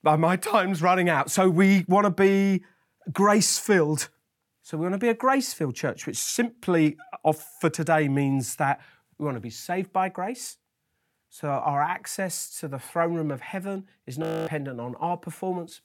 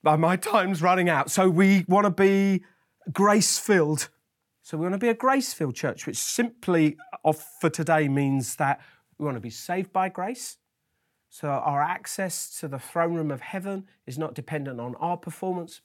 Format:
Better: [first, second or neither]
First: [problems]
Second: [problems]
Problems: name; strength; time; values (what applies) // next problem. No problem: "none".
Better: second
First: audio freezing; at 14 s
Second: none